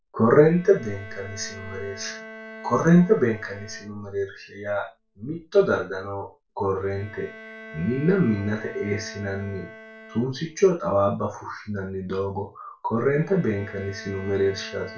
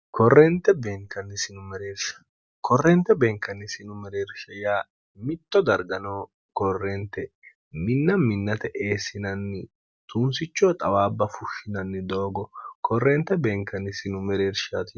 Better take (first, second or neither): second